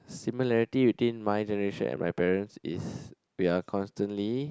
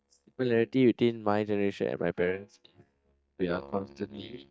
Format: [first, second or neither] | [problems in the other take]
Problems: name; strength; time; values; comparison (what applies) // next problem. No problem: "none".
first | noise reduction (neural mask model DeepFilterNet 3)